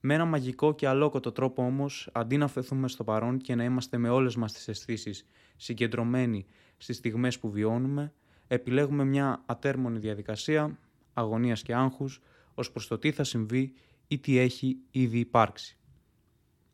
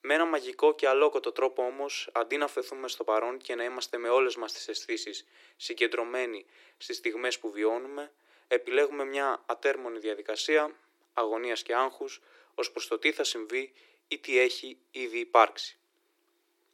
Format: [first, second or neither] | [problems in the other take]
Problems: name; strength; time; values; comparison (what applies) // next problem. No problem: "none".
first | thin; very; fading below 350 Hz